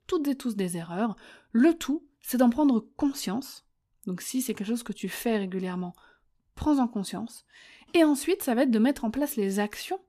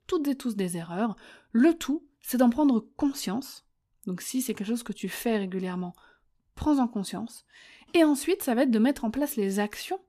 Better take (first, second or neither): neither